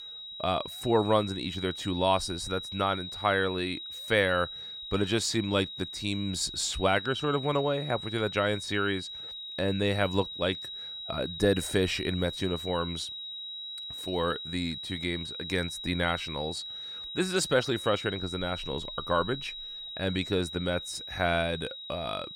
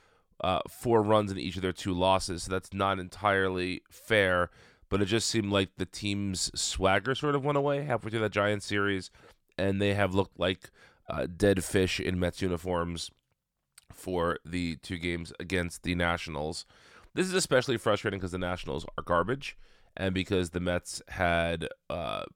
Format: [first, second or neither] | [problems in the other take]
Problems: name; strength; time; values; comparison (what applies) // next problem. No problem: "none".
second | high-pitched whine; loud; throughout; 4 kHz, 8 dB below the speech